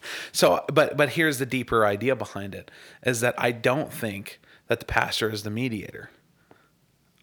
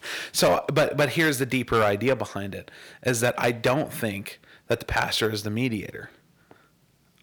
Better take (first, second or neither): first